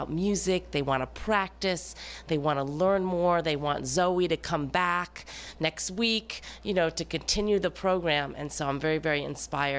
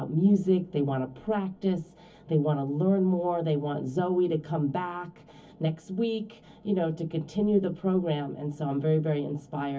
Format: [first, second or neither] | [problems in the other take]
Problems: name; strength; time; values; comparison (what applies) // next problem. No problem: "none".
first | room echo; dies away in 0.3 s